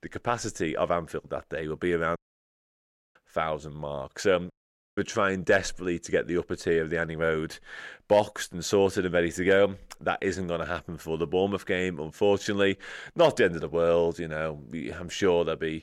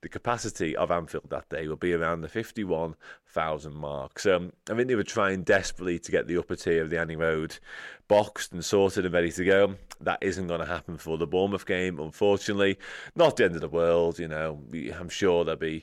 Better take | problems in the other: second | audio cutting out; at 2 s for 1 s and at 4.5 s

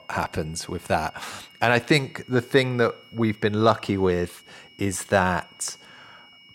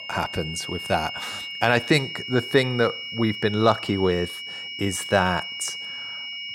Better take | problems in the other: first | high-pitched whine; loud; throughout; 3 kHz, 8 dB below the speech; faint in the first

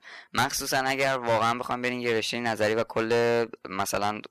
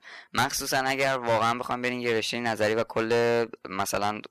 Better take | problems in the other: neither | distortion; heavy; 10% of the sound clipped; the same in both

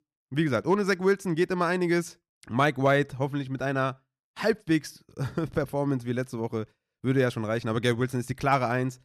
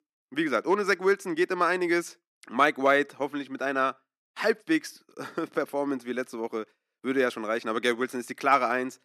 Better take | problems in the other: first | thin; somewhat; fading below 250 Hz

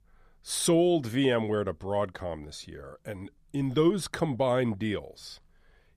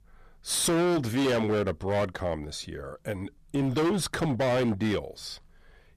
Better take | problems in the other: first | distortion; heavy; 18% of the sound clipped

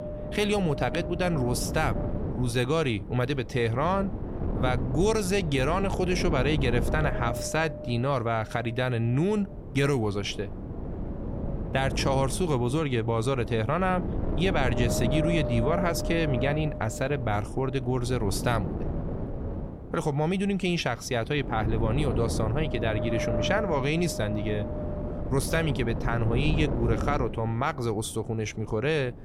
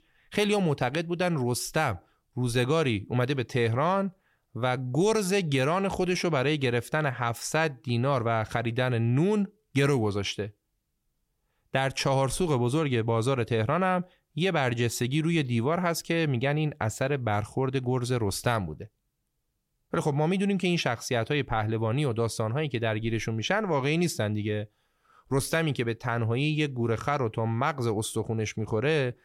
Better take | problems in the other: second | wind noise on the microphone; heavy; 8 dB below the speech

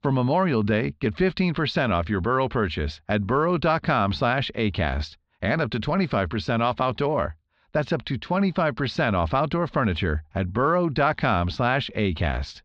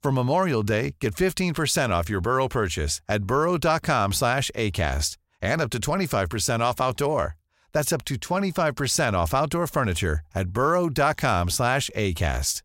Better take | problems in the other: second | muffled; slightly; fading above 4 kHz

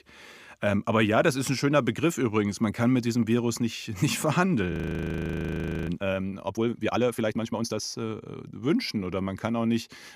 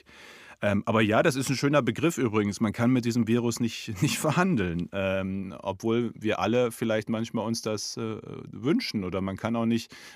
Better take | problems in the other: second | audio freezing; at 4.5 s for 1 s

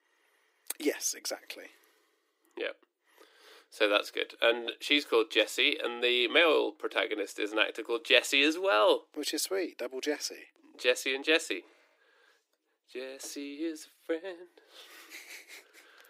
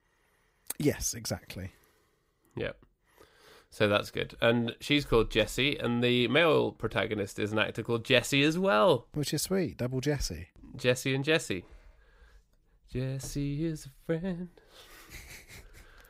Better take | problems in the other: second | thin; somewhat; fading below 300 Hz

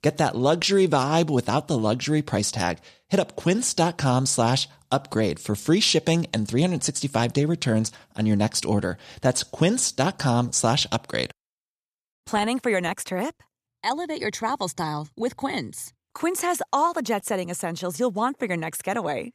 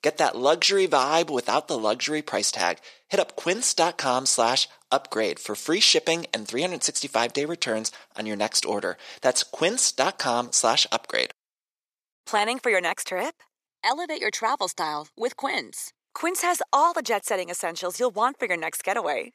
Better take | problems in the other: first | thin; somewhat; fading below 450 Hz

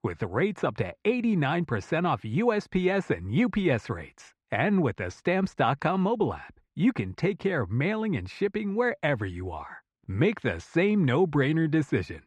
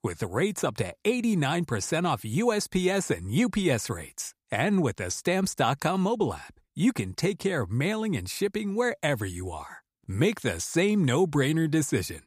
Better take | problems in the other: second | muffled; very; fading above 2 kHz

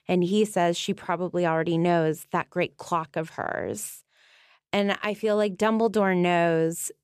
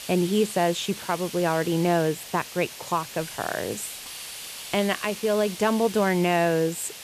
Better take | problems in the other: first | hiss; noticeable; throughout; 10 dB below the speech

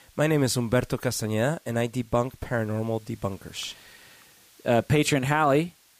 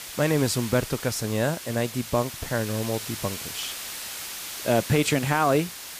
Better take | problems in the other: first | hiss; loud; throughout; 8 dB below the speech; faint in the first

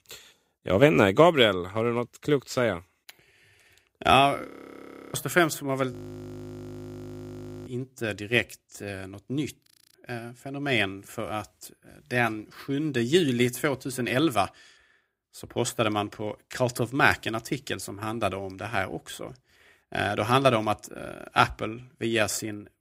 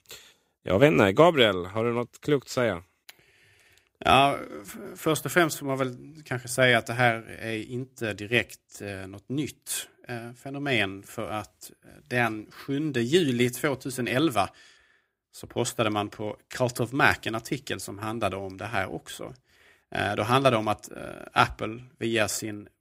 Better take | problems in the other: second | audio freezing; at 4.5 s for 0.5 s, at 6 s for 1.5 s and at 9.5 s

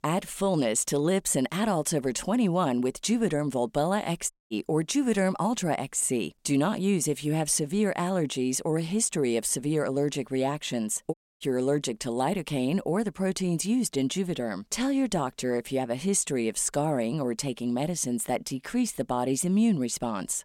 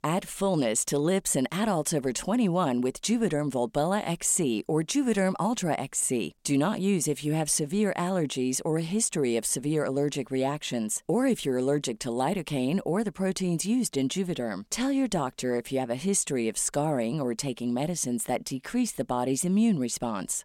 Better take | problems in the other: second | audio cutting out; at 4.5 s and at 11 s

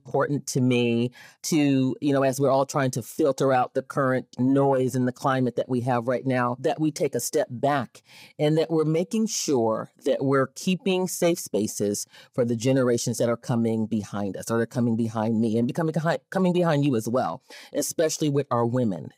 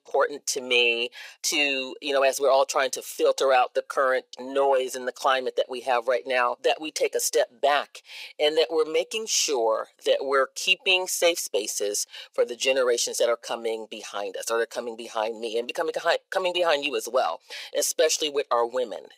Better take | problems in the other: first | thin; very; fading below 450 Hz

